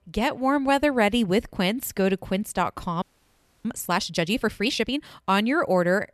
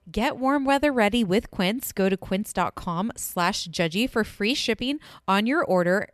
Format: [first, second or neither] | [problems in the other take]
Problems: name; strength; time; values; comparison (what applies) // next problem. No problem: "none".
second | audio freezing; at 3 s for 0.5 s